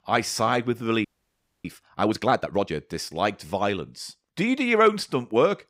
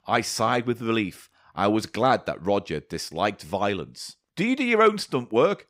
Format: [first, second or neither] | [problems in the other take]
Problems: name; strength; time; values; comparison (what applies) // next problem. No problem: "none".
second | audio freezing; at 1 s for 0.5 s